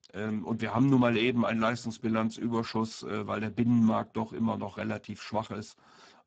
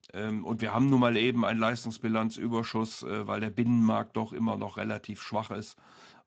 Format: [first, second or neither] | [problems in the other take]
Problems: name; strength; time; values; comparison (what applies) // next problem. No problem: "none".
second | garbled, watery; badly; nothing above 8 kHz; slightly in the second